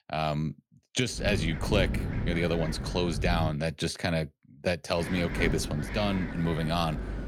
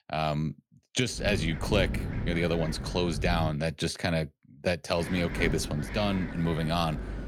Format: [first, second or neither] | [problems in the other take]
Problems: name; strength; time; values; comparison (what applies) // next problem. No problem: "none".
second | wind noise on the microphone; heavy; from 1 to 3.5 s and from 5 s on; 9 dB below the speech; occasional gusts in the second